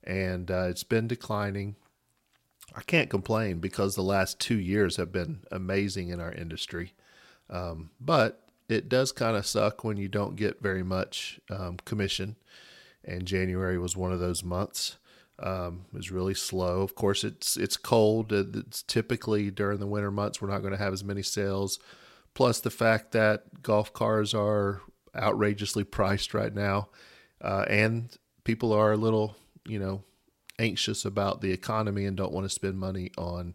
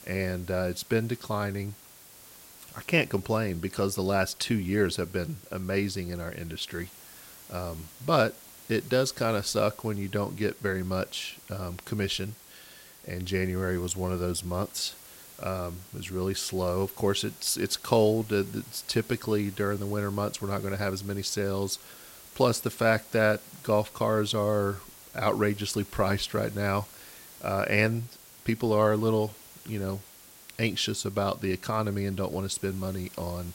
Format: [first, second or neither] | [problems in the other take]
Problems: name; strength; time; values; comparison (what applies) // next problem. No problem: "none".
first | hiss; noticeable; throughout; 20 dB below the speech